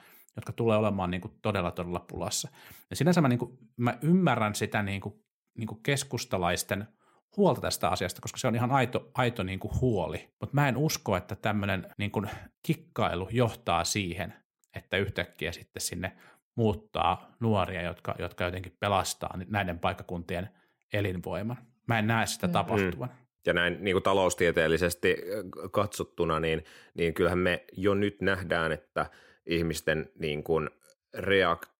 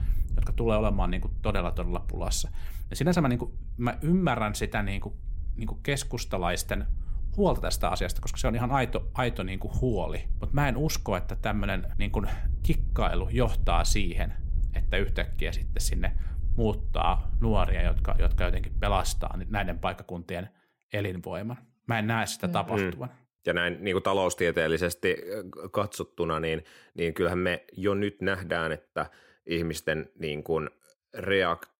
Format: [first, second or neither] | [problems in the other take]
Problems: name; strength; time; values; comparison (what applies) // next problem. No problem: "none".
first | wind noise on the microphone; occasional gusts; until 20 s; 25 dB below the speech